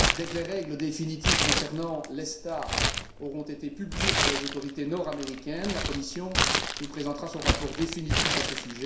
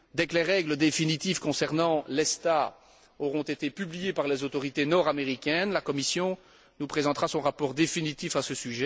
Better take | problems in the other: second | background sound (Crumpling, crinkling); 4 dB above the speech // room echo; dies away in 0.7 s

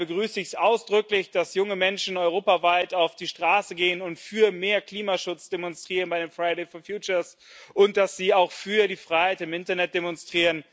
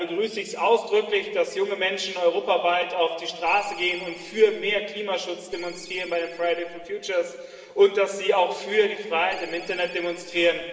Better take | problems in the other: first | noise reduction (neural separator model SepFormer DNS4)

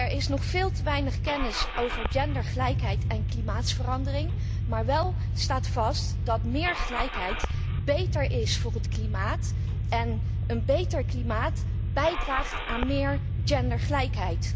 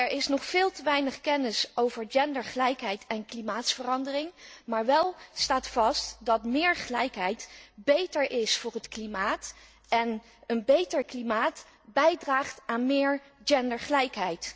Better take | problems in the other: second | background sound (Engine starting / Car); 4 dB above the speech

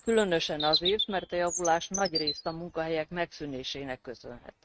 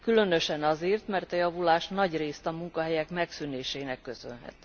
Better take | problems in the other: second | noise reduction (neural mask model RNNoise)

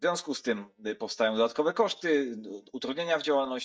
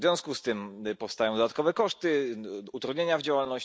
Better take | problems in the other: second | noise reduction (neural mask model DeepFilterNet 3)

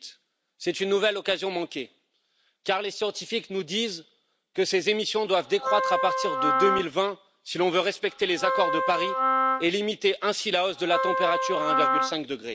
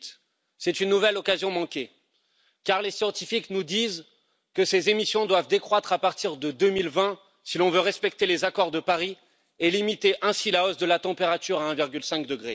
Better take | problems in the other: second | background sound (Wind instrument, woodwind instrument); 1 dB above the speech

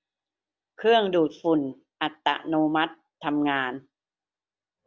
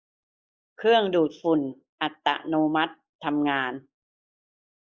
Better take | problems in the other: first | noise reduction (neural mask model Resemble Enhance denoiser)

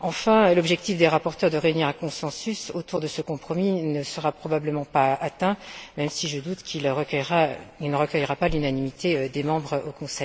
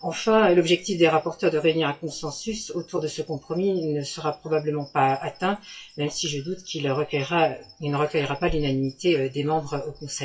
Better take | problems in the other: first | noise reduction (classical method WPE with log-MMSE)

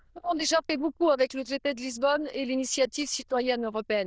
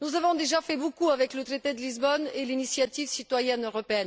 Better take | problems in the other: second | noise reduction (neural diffusion model UNIVERSE++)

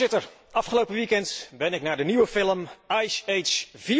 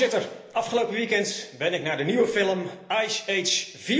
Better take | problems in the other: first | room echo; dies away in 0.8 s

